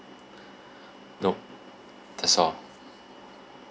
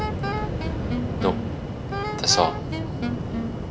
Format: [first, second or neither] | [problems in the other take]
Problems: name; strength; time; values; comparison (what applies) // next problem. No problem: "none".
first | background sound (Waves, surf + Wind instrument, woodwind instrument); 2 dB above the speech